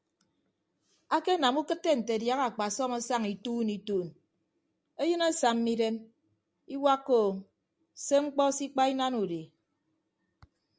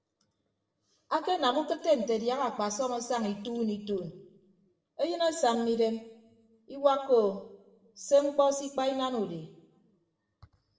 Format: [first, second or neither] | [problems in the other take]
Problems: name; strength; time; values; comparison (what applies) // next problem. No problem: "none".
first | room echo; dies away in 0.6 s